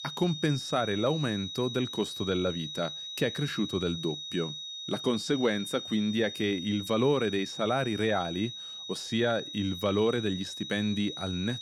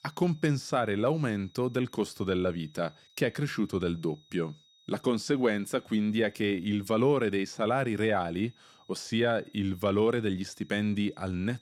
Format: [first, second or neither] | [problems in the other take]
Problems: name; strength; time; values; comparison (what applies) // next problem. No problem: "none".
second | high-pitched whine; loud; throughout; 4 kHz, 7 dB below the speech; faint in the second